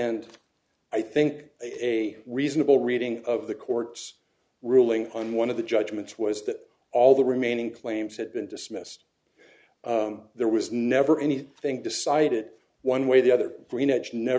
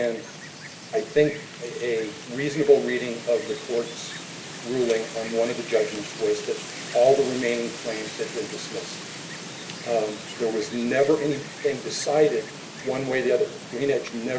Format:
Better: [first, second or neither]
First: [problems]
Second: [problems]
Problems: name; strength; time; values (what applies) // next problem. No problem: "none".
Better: first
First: none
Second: background sound (Wind); 12 dB below the speech // room echo; dies away in 0.1 s